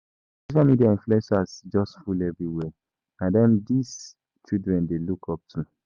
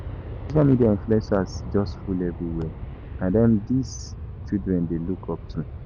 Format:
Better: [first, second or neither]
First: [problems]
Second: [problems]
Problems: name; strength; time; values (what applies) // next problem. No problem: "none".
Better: first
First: none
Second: background sound (Aircraft); 10 dB below the speech